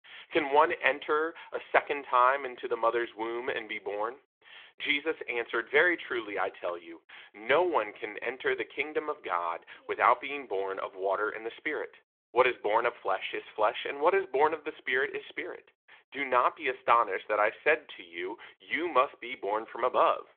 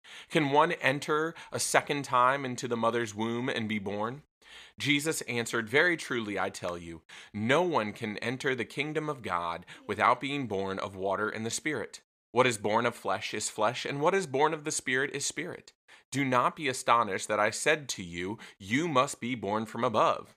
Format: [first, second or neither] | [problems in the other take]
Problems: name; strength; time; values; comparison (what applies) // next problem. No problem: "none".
second | phone-call audio; nothing above 3.5 kHz